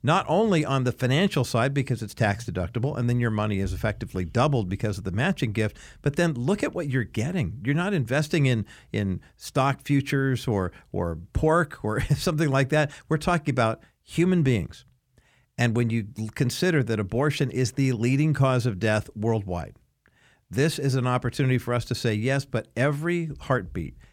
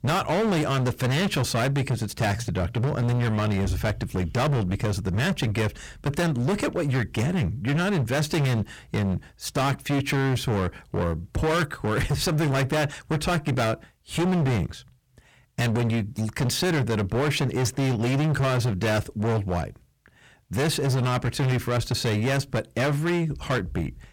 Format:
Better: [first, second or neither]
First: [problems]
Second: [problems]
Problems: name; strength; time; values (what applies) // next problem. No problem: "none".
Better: first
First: none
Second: distortion; heavy; 25% of the sound clipped